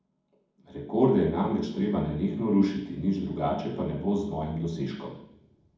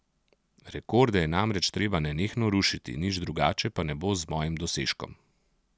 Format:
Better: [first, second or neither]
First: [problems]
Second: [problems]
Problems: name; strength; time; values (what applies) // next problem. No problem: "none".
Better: second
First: room echo; dies away in 1.2 s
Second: none